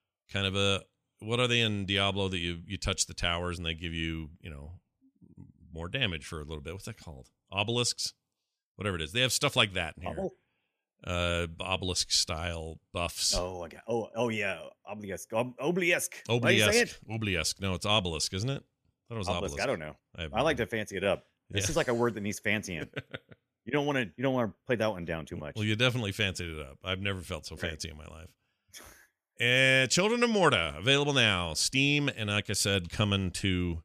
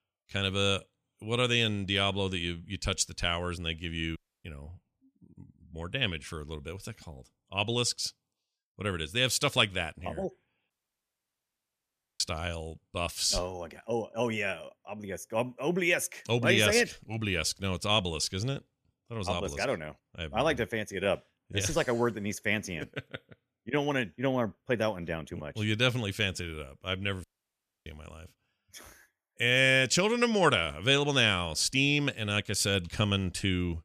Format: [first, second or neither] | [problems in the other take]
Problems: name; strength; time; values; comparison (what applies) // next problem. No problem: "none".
first | audio cutting out; at 4 s, at 11 s for 1.5 s and at 27 s for 0.5 s